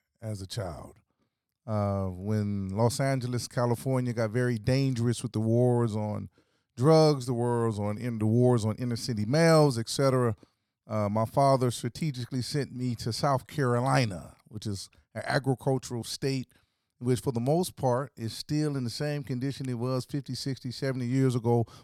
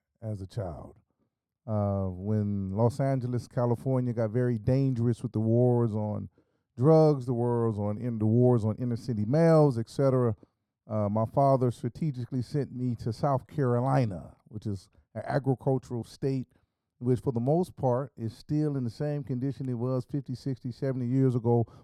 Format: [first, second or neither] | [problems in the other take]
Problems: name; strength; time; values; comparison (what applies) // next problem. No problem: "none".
first | muffled; slightly; fading above 1.5 kHz